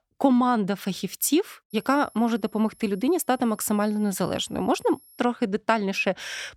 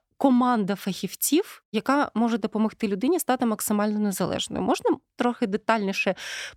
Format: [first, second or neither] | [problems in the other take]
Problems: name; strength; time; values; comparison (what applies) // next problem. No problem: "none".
second | high-pitched whine; faint; from 1.5 to 5 s; 11 kHz, 25 dB below the speech